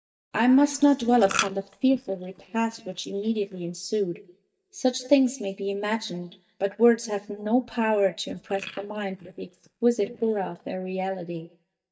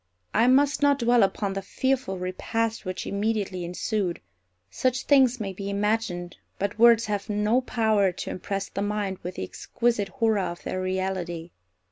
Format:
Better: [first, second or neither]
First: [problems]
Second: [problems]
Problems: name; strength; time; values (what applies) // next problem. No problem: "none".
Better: second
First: noise reduction (neural mask model DeepFilterNet 3)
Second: none